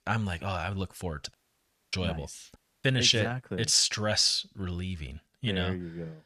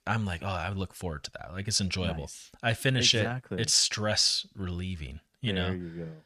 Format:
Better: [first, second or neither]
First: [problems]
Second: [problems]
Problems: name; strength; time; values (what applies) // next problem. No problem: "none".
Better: second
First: audio cutting out; at 1.5 s for 0.5 s and at 2.5 s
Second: none